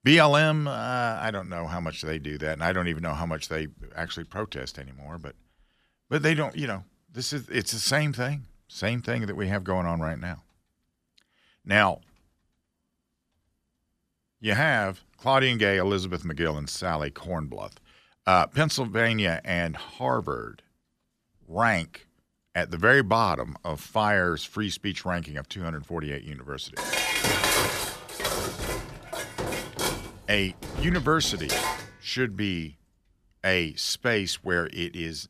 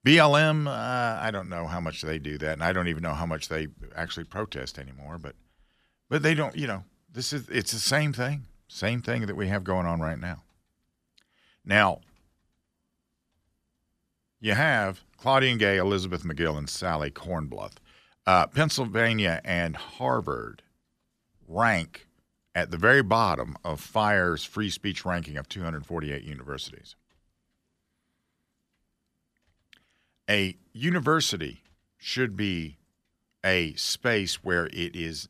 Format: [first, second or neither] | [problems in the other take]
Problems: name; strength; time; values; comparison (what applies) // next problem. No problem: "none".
second | clattering dishes; loud; from 27 to 32 s; peak 5 dB above the speech